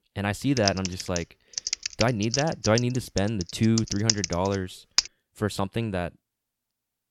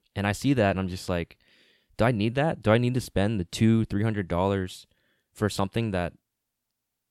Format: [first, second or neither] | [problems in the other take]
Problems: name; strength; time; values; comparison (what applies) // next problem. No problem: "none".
second | keyboard typing; loud; from 0.5 to 5 s; peak 2 dB above the speech